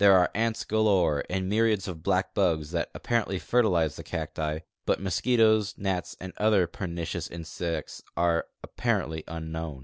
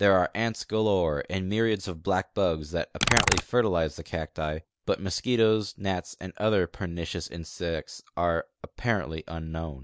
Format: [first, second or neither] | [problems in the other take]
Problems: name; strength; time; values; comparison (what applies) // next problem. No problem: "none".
first | background sound (Computer keyboard); 1 dB below the speech